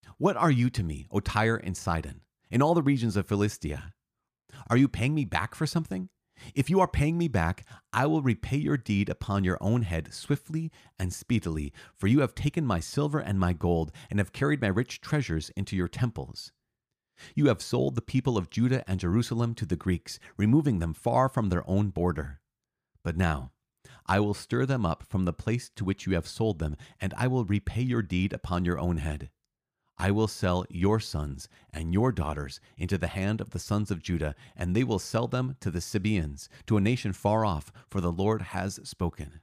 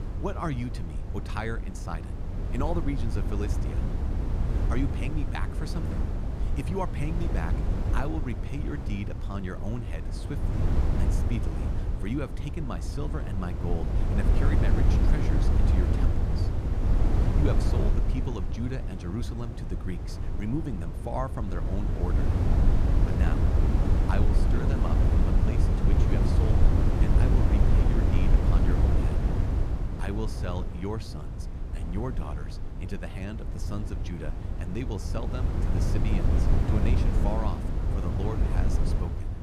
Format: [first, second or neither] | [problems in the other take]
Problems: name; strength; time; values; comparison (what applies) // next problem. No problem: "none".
first | wind noise on the microphone; heavy; as loud as the speech